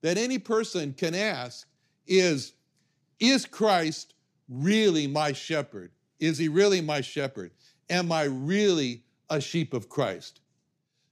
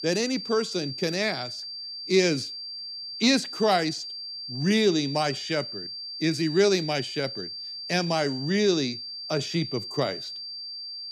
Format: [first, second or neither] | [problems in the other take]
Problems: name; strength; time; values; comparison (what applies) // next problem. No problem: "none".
first | high-pitched whine; loud; throughout; 4.5 kHz, 8 dB below the speech